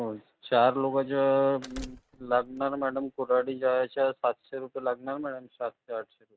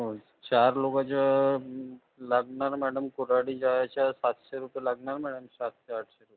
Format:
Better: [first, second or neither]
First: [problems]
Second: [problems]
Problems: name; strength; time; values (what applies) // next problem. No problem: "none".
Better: second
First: noise reduction (neural mask model RNNoise)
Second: none